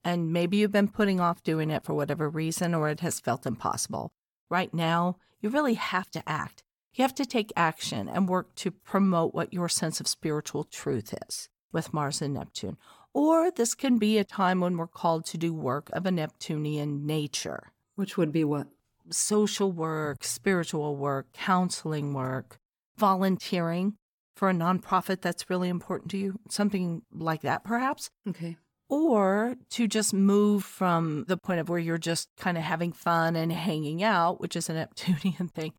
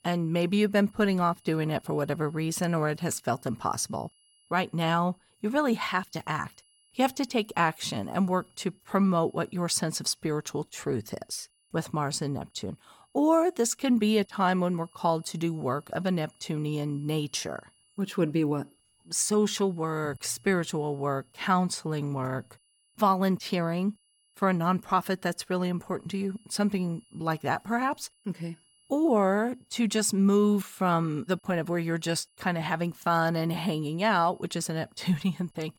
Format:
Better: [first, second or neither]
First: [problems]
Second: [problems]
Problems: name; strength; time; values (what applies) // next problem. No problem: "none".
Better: first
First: none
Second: high-pitched whine; faint; throughout; 3 kHz, 35 dB below the speech